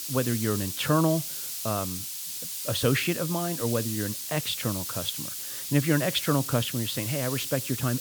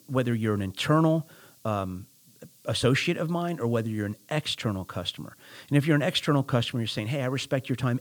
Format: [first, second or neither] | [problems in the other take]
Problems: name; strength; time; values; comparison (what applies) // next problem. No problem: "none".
second | hiss; loud; throughout; 4 dB below the speech; faint in the second